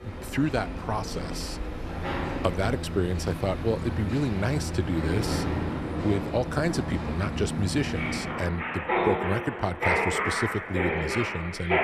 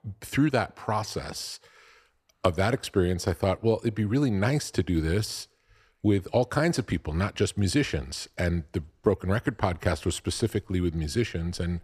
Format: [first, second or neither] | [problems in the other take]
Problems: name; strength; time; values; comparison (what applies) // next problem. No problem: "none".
second | machinery noise; loud; throughout; 1 dB below the speech